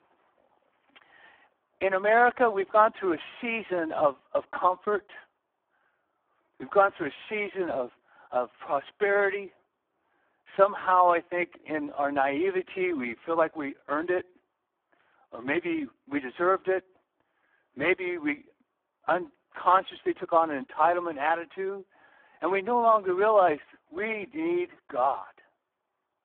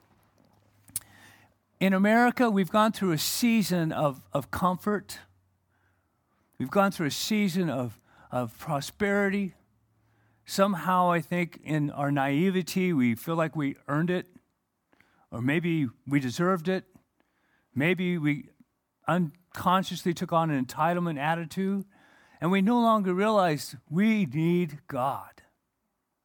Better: second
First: phone-call audio; poor line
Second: none

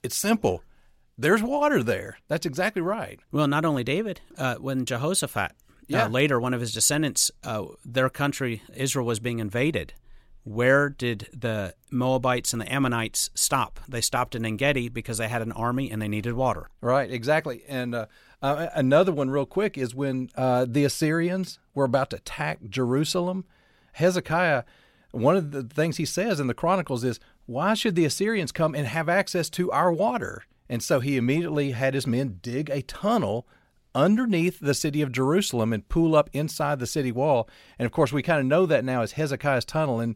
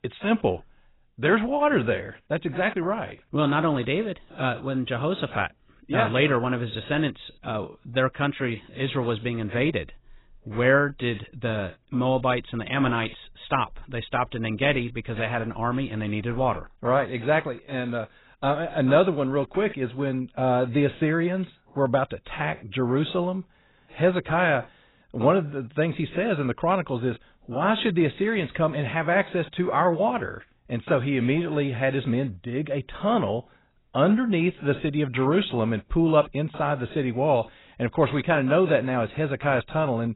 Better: first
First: none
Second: garbled, watery; badly; nothing above 4 kHz

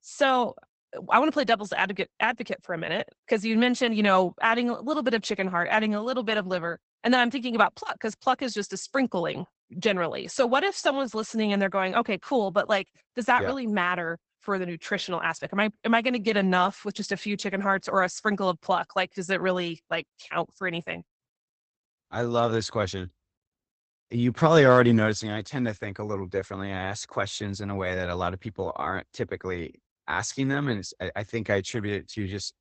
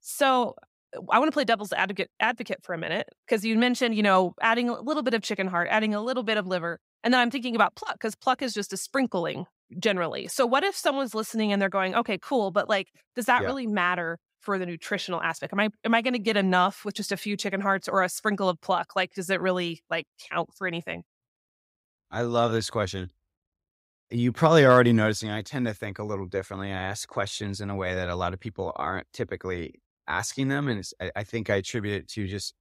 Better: second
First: garbled, watery; badly; nothing above 8 kHz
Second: none

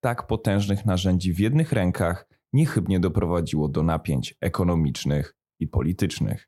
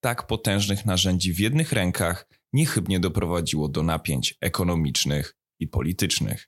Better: second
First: muffled; slightly; fading above 2 kHz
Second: none

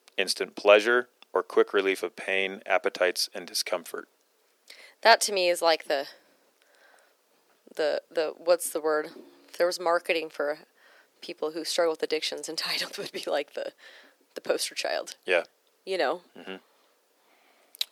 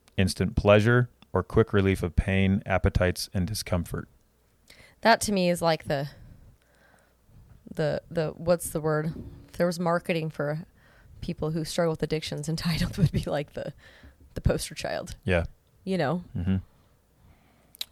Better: second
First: thin; very; fading below 300 Hz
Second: none

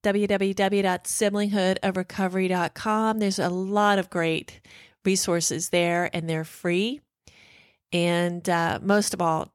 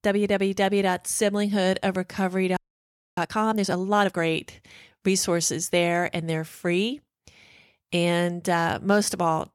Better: first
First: none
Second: audio freezing; at 2.5 s for 0.5 s

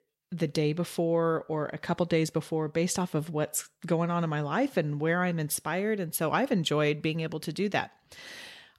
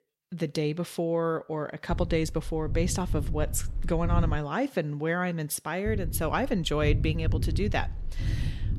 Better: first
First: none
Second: low rumble; noticeable; from 2 to 4.5 s and from 6 s on; 15 dB below the speech

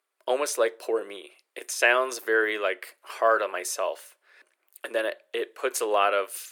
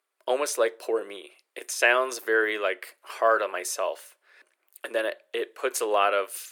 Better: neither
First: thin; very; fading below 350 Hz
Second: thin; very; fading below 350 Hz

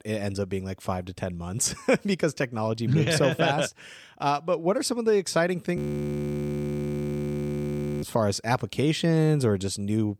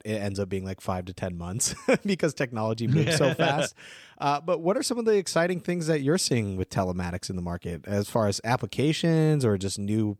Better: second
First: audio freezing; at 6 s for 2.5 s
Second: none

